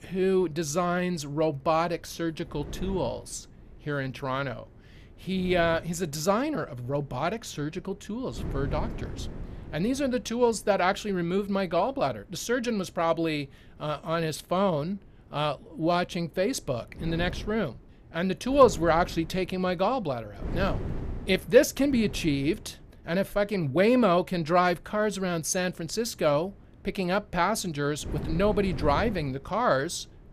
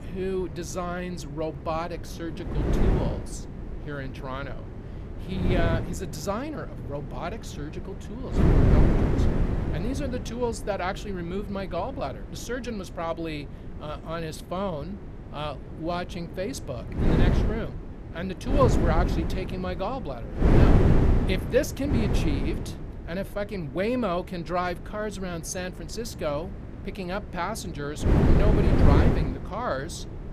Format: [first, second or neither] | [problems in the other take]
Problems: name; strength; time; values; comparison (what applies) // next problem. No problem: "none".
first | wind noise on the microphone; heavy; as loud as the speech; occasional gusts in the first